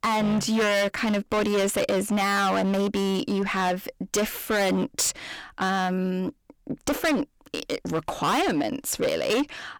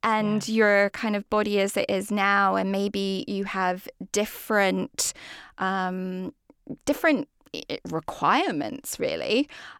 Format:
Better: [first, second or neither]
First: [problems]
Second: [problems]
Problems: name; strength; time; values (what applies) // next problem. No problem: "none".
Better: second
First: distortion; heavy; 18% of the sound clipped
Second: none